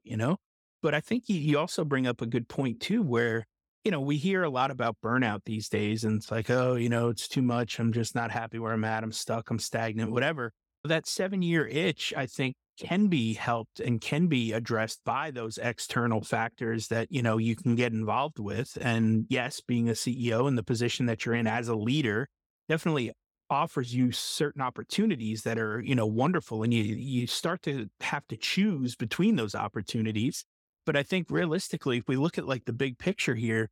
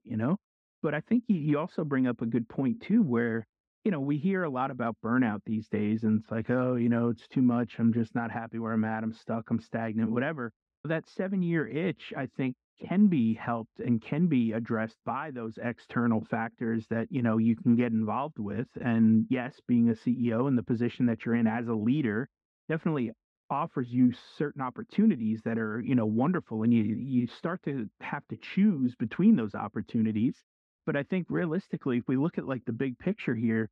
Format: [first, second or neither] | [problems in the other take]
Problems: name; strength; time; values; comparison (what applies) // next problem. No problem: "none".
first | muffled; very; fading above 1.5 kHz